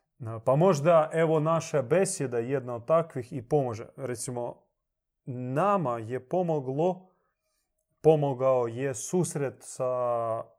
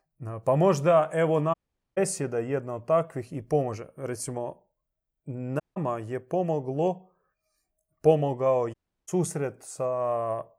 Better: first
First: none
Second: audio cutting out; at 1.5 s, at 5.5 s and at 8.5 s

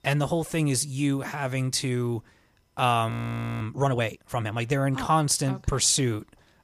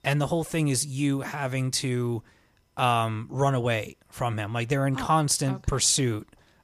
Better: second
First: audio freezing; at 3 s for 0.5 s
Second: none

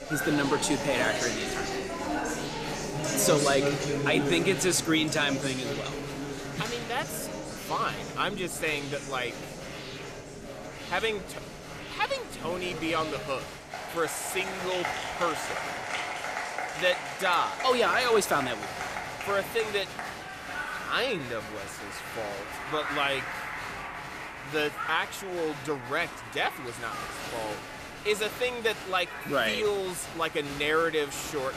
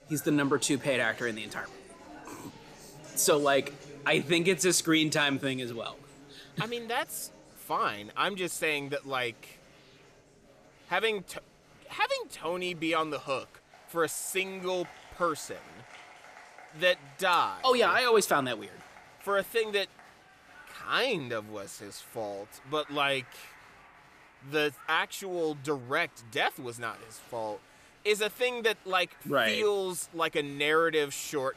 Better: second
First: crowd noise; loud; throughout; 5 dB below the speech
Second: crowd noise; faint; throughout; 25 dB below the speech

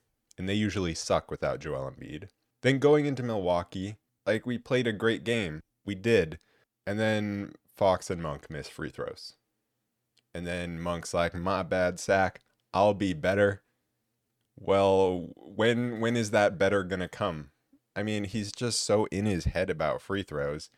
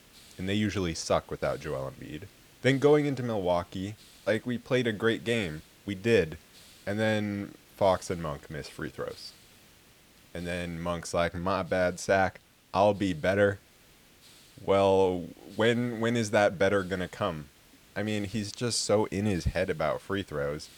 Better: first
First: none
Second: hiss; faint; throughout; 25 dB below the speech

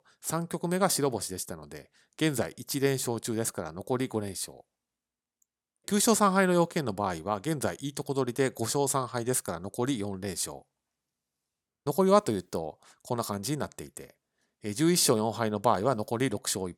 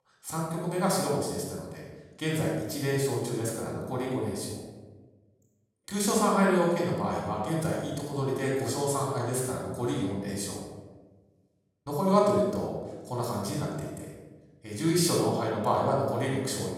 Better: first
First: none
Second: room echo; strong; dies away in 1.1 s // off-mic speech; far

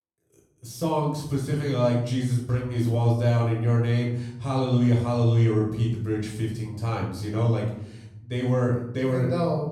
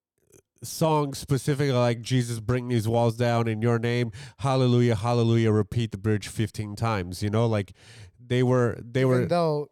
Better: second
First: off-mic speech; far // room echo; noticeable; dies away in 0.7 s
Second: none

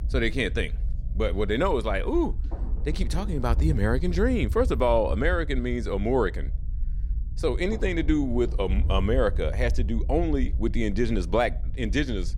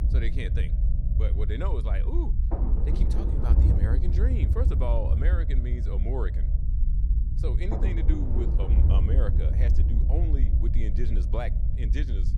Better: first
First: low rumble; faint; throughout; 20 dB below the speech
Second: low rumble; loud; throughout; 3 dB below the speech

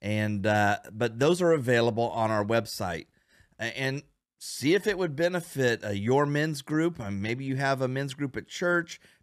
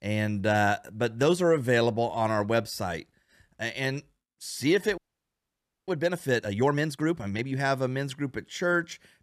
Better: first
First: none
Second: audio freezing; at 5 s for 1 s

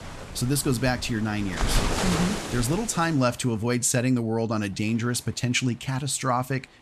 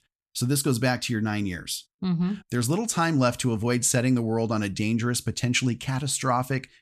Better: second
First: rain or running water; loud; throughout; 5 dB below the speech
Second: none

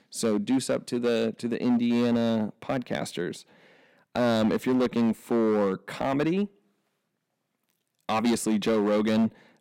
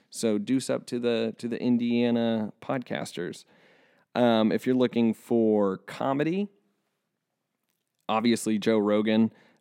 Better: second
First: distortion; slight; 8% of the sound clipped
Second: none

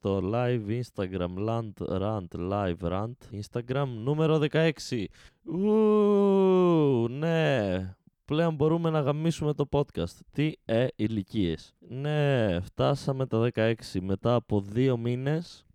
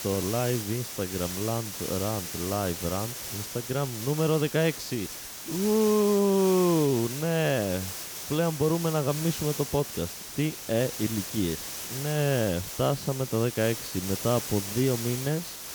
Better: first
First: none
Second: hiss; loud; throughout; 7 dB below the speech

